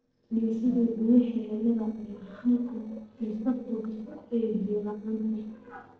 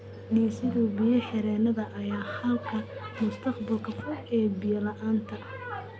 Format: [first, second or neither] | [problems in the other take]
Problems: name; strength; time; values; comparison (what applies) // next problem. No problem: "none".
second | noise reduction (neural separator model SepFormer DNS4)